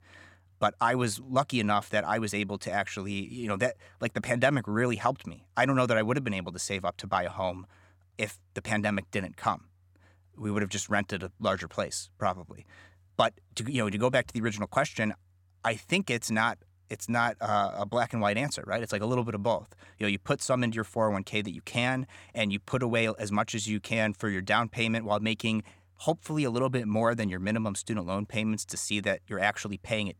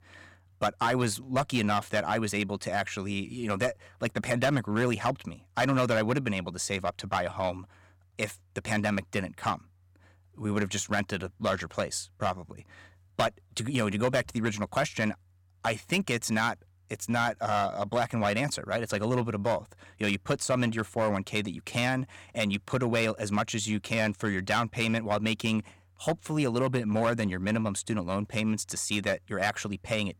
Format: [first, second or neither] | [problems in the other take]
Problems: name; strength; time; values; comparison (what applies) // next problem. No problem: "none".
first | distortion; slight; 5% of the sound clipped